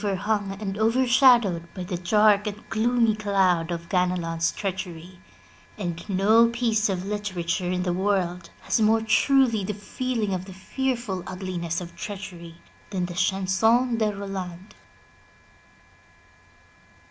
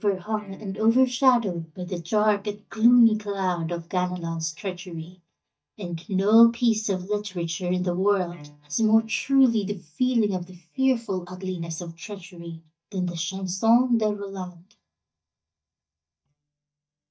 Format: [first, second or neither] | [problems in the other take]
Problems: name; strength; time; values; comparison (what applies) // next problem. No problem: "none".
first | noise reduction (neural mask model DeepFilterNet 3)